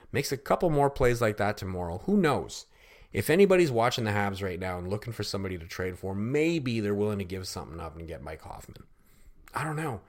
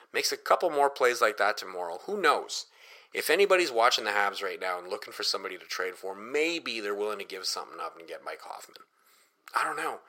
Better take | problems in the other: first | thin; very; fading below 450 Hz

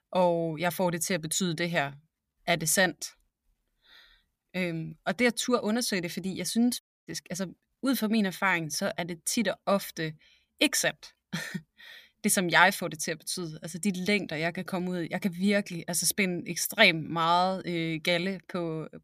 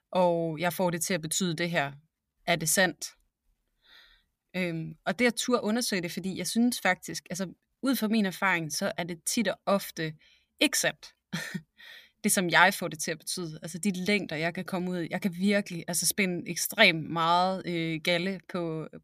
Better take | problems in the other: second | audio cutting out; at 7 s

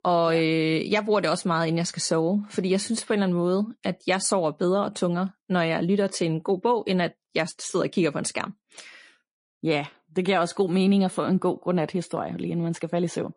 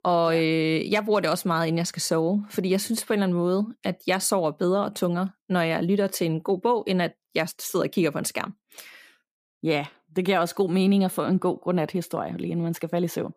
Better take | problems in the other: second | garbled, watery; slightly; nothing above 10.5 kHz

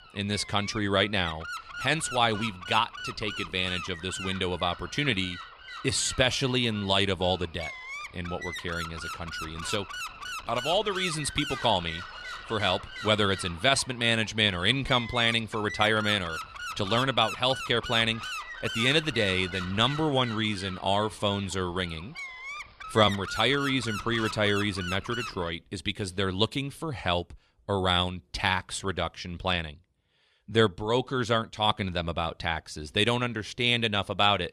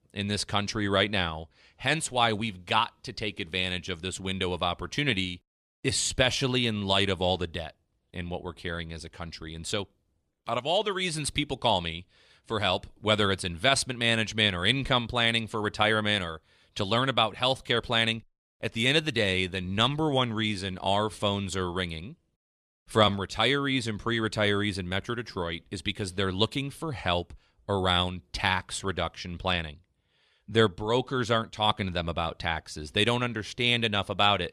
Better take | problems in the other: second | wind noise on the microphone; heavy; until 25 s; 10 dB below the speech

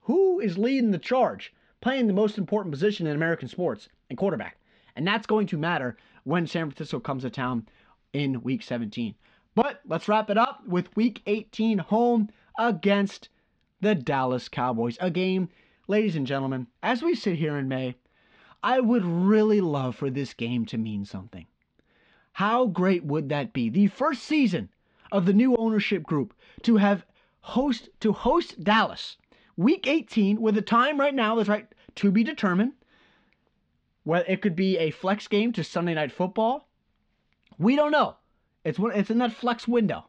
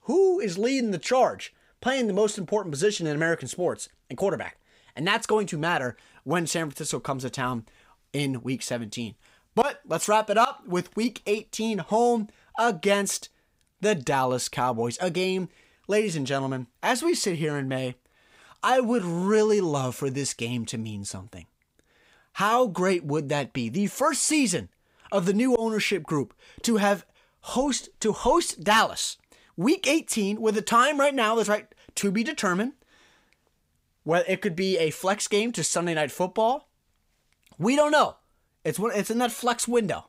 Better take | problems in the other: second | muffled; slightly; fading above 4 kHz

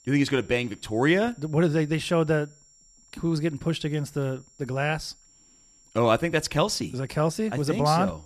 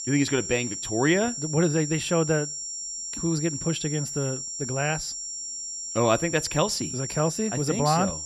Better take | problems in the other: first | high-pitched whine; loud; throughout; 7.5 kHz, 5 dB below the speech; faint in the first

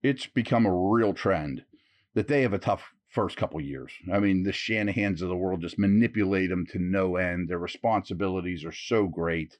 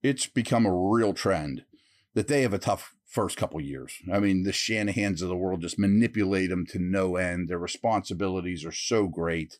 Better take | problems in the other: second | muffled; slightly; fading above 2.5 kHz

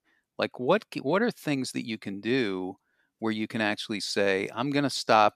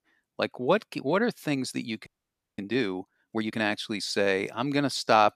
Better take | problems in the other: first | audio freezing; at 2 s for 0.5 s

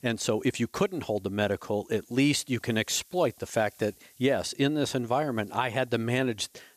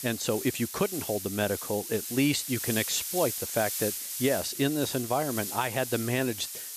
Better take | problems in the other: first | hiss; loud; throughout; 4 dB below the speech; faint in the first

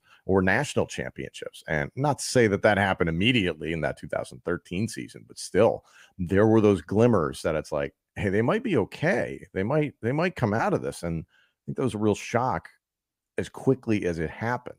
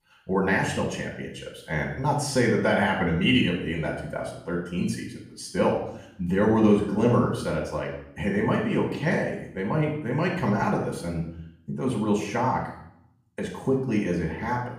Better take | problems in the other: first | off-mic speech; somewhat distant // room echo; noticeable; dies away in 0.6 s

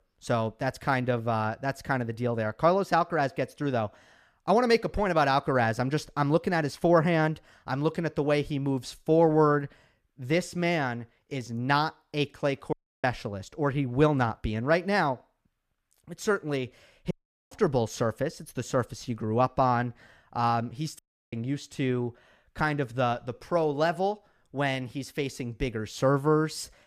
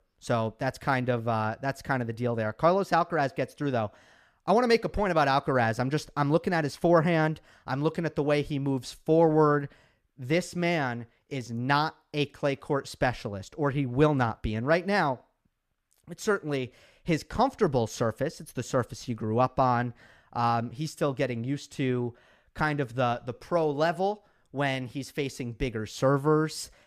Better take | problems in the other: second | audio cutting out; at 13 s, at 17 s and at 21 s

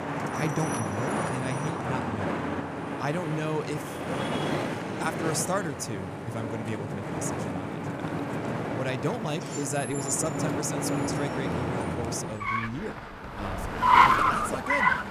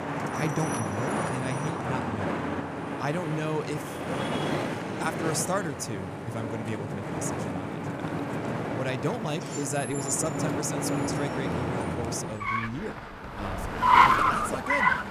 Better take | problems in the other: neither | traffic noise; very loud; throughout; 5 dB above the speech; the same in both

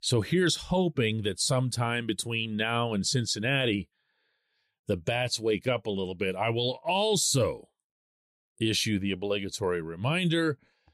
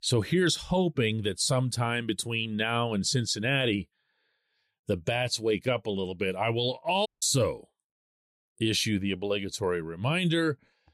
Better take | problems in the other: first | audio cutting out; at 7 s

